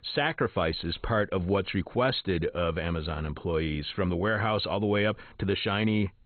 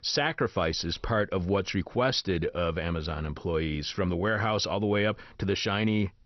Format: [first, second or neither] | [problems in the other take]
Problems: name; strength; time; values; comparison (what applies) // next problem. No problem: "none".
second | garbled, watery; badly; nothing above 4 kHz; slightly in the second